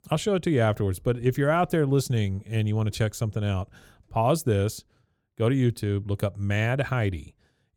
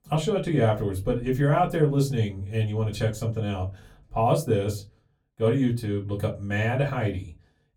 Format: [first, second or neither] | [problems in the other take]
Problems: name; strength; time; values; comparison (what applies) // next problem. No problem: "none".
first | off-mic speech; far // room echo; very slight; dies away in 0.2 s